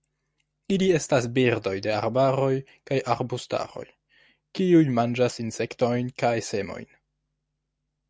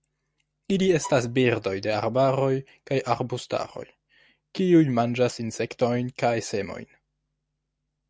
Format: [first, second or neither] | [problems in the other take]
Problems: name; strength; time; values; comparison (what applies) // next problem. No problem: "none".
first | background sound (Bowed string instrument); 15 dB below the speech